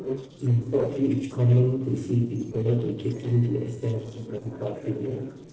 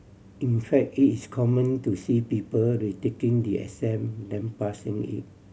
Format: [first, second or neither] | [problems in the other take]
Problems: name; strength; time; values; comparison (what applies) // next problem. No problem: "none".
second | noise reduction (neural separator model SepFormer DNS4)